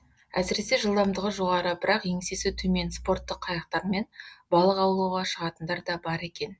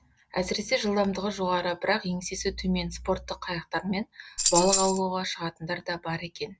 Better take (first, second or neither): first